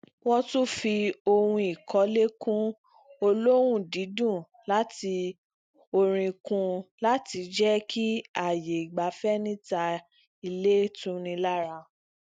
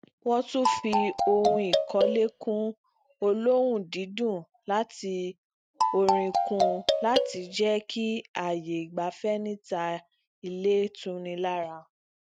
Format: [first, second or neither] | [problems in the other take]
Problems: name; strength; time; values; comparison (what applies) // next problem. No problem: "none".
first | noise reduction (neural mask model RNNoise)